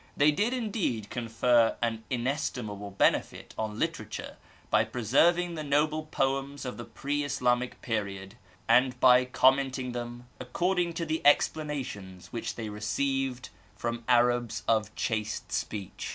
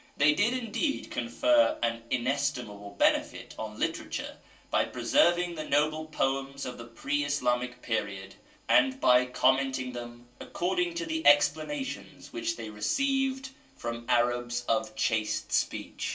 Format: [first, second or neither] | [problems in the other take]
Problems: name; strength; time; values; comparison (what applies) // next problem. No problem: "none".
first | room echo; dies away in 0.3 s